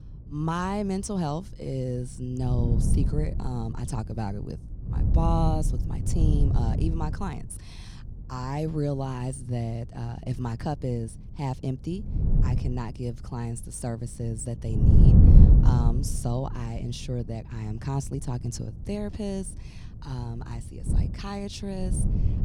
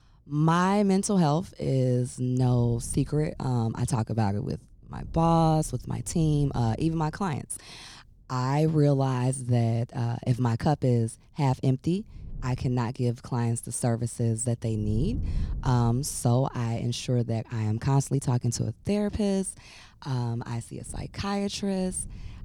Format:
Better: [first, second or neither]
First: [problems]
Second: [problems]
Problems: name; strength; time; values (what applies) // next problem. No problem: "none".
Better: second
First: wind noise on the microphone; heavy; 2 dB below the speech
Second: wind noise on the microphone; occasional gusts; 25 dB below the speech